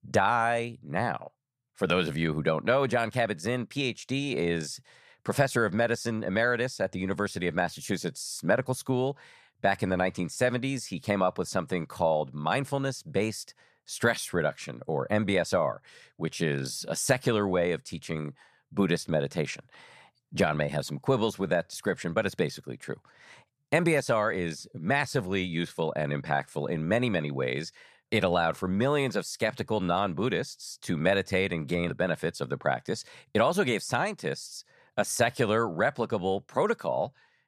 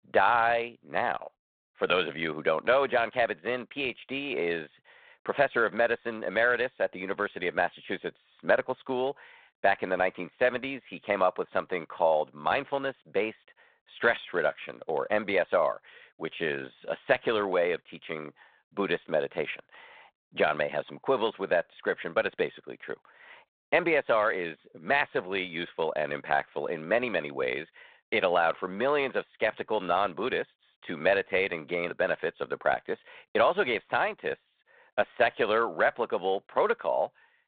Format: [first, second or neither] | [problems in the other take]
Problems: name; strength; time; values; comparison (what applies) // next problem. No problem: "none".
first | phone-call audio; nothing above 4 kHz